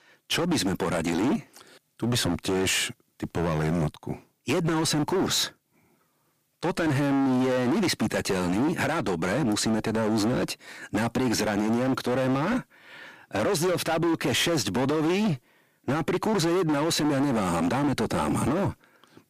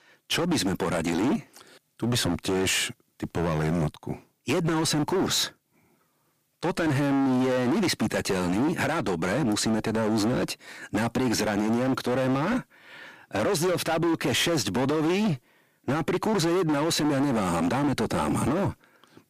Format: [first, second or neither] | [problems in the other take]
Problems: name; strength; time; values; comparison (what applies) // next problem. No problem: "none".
neither | distortion; heavy; 23% of the sound clipped; the same in both